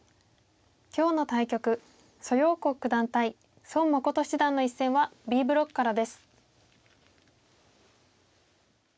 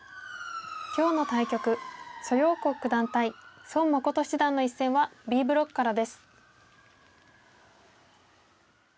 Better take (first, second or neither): first